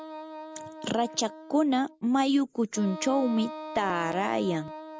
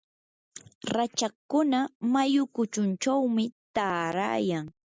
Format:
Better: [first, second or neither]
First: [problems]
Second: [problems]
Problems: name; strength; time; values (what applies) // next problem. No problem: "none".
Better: second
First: background sound (Wind instrument, woodwind instrument); 13 dB below the speech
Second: none